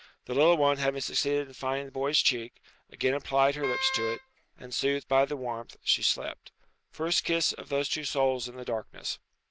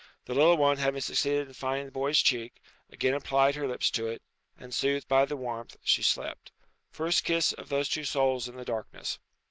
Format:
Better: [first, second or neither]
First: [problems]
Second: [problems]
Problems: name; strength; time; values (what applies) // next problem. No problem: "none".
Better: second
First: background sound (Wind instrument, woodwind instrument); 7 dB below the speech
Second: none